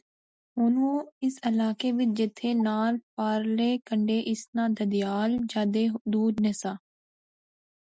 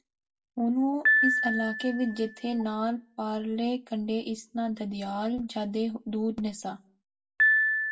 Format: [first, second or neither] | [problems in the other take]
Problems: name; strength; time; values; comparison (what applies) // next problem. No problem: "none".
first | background sound (Piano); 1 dB below the speech // room echo; dies away in 0.1 s